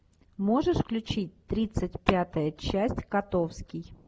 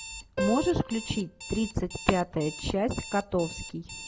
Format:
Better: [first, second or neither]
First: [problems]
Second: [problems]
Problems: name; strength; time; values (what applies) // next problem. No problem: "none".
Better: first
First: none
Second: background sound (Piano + Alarm); 9 dB below the speech